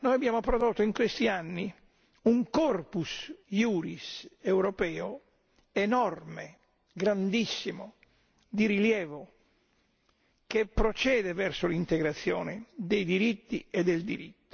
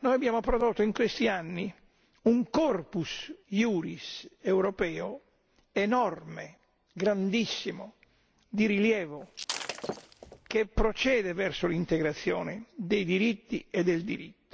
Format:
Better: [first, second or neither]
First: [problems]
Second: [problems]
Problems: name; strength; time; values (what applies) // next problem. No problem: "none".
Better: first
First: none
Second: background sound (Shatter); 10 dB below the speech